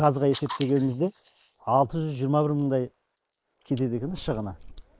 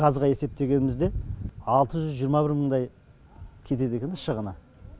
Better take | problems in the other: second | noise reduction (neural mask model Resemble Enhance denoiser)

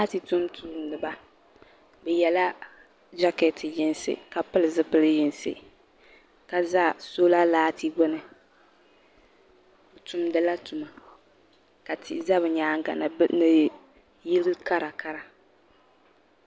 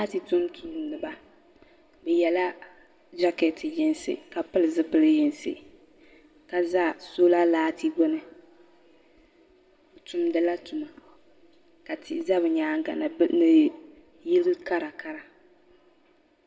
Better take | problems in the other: first | room echo; dies away in 1.2 s

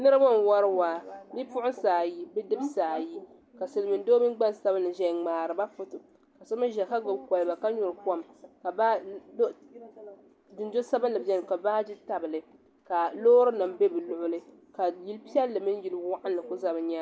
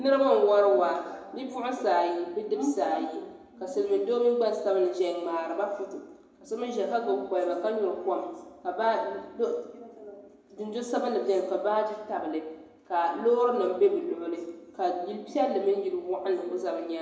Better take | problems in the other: first | room echo; dies away in 0.9 s

